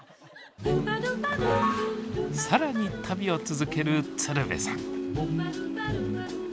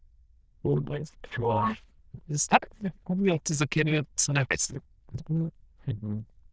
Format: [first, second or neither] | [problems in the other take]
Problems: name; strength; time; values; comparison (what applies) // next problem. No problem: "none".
first | noise reduction (neural diffusion model UNIVERSE++)